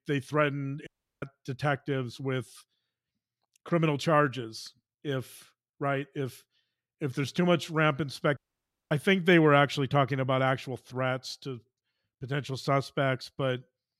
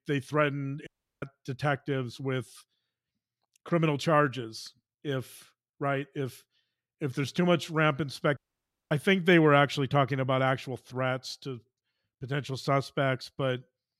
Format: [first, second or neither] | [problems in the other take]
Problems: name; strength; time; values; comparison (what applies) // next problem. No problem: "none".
neither | audio cutting out; at 1 s and at 8.5 s for 0.5 s; the same in both